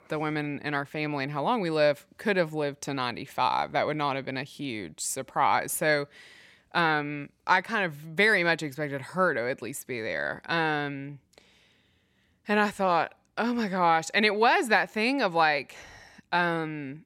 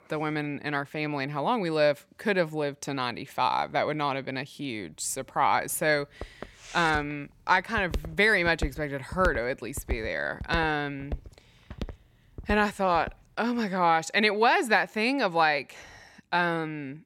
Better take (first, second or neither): first